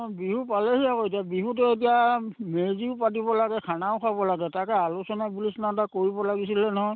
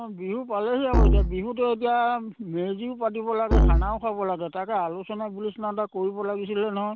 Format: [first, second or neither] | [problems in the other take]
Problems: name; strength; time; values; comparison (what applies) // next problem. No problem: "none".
first | background sound (Musical instrument); 2 dB above the speech